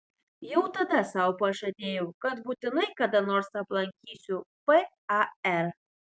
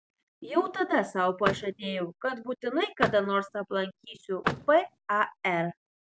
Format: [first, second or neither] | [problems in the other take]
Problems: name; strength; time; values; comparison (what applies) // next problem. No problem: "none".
first | background sound (Vehicle); 7 dB below the speech